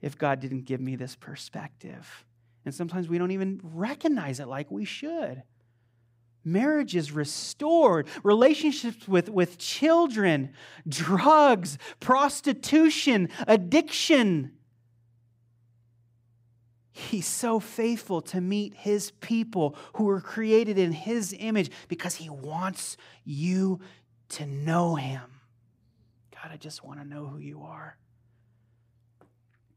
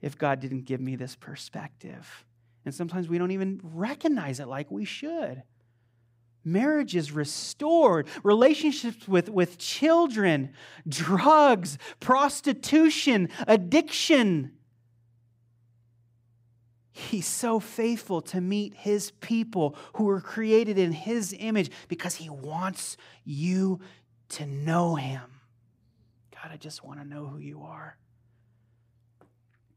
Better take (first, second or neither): neither